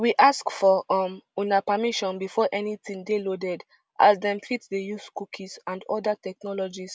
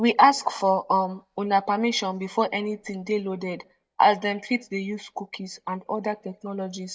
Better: first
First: none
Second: noise reduction (neural mask model DeepFilterNet 3)

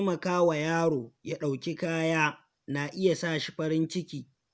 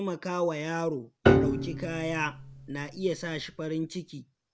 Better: first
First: none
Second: background sound (Piano); 3 dB above the speech

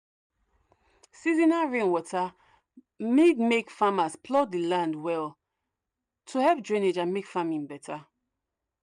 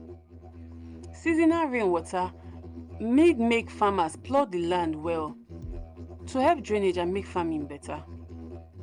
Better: first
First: none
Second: background sound (Bass drum + Musical instrument); 14 dB below the speech

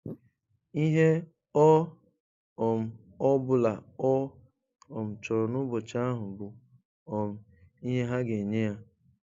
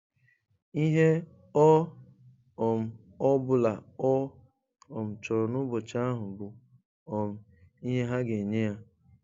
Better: second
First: noise reduction (neural mask model Resemble Enhance denoiser)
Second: none

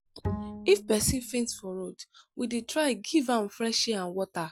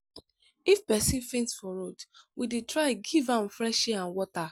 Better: second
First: background sound (Bowed string instrument); 10 dB below the speech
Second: none

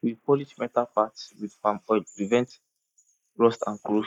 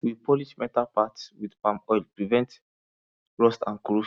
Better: second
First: noise reduction (neural mask model Resemble Enhance denoiser)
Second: none

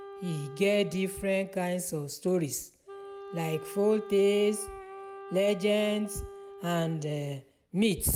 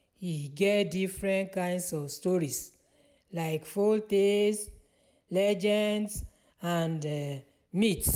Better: second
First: background sound (Wind instrument, woodwind instrument); 15 dB below the speech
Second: none

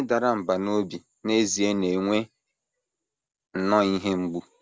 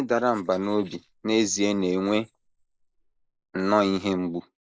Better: first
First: none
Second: noise reduction (neural mask model Resemble Enhance denoiser)

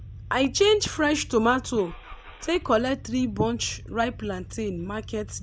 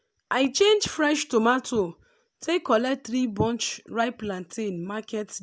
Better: second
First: background sound (Engine starting / Car); 14 dB below the speech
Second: none

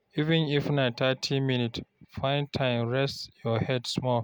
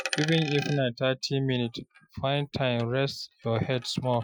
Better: first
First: none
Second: noise reduction (classical method Wiener filter)

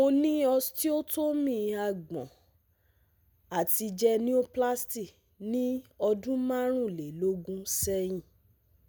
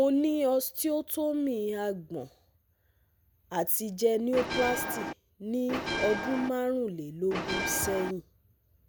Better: first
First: none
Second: background sound (Bell); 3 dB below the speech

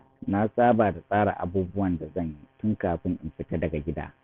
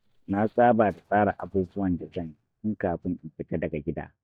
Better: first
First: none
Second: noise reduction (neural mask model DeepFilterNet 3)

